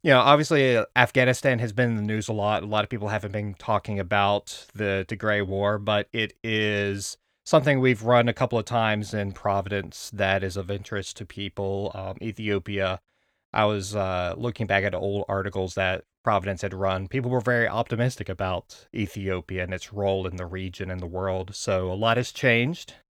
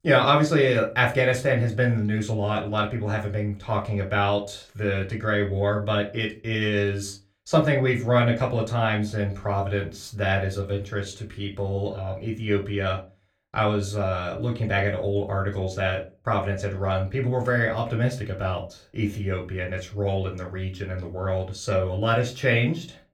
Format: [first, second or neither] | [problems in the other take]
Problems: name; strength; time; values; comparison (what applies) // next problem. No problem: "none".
first | off-mic speech; somewhat distant // room echo; very slight; dies away in 0.2 s